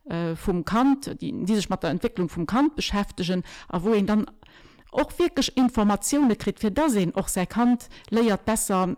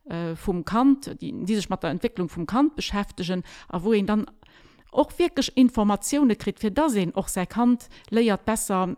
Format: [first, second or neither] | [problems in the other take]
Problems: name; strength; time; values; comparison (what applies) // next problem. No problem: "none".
second | distortion; slight; 8% of the sound clipped